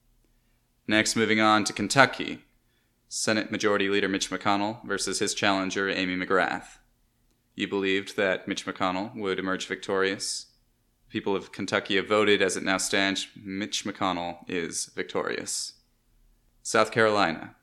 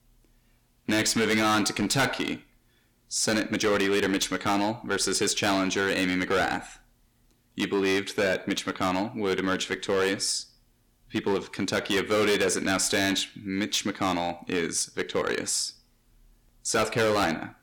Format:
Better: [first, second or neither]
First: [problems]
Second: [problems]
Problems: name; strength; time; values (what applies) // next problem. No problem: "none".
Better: first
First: none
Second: distortion; heavy; 9% of the sound clipped